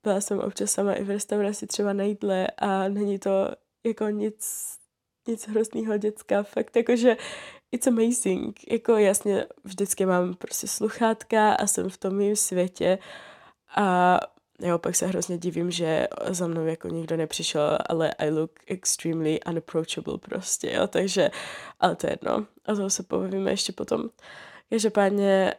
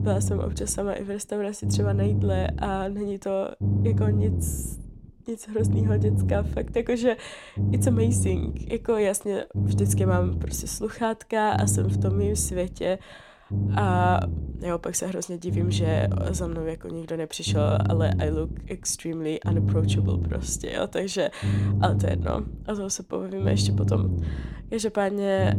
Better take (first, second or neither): first